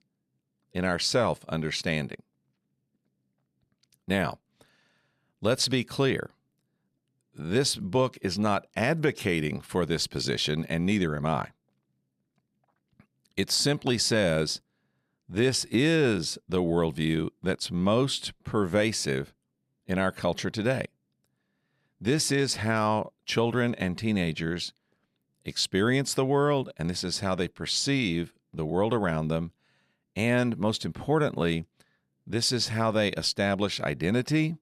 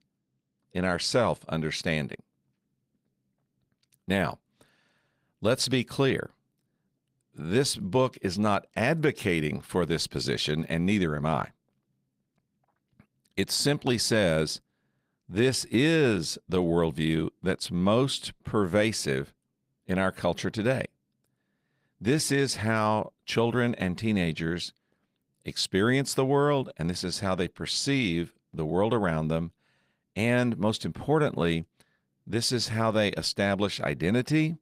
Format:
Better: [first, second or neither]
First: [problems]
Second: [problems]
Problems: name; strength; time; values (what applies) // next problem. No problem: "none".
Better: first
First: none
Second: garbled, watery; slightly; nothing above 15.5 kHz